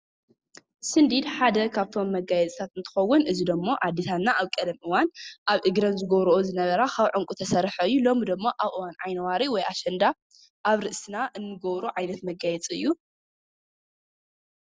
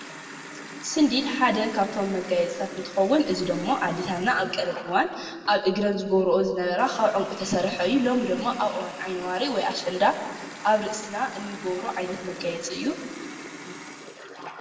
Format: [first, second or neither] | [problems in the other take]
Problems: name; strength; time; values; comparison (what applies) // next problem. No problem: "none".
first | background sound (Water tap, faucet); 15 dB below the speech // room echo; dies away in 1.4 s